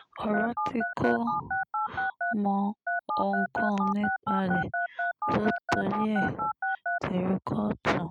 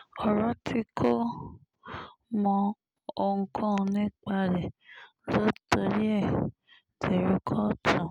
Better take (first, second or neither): second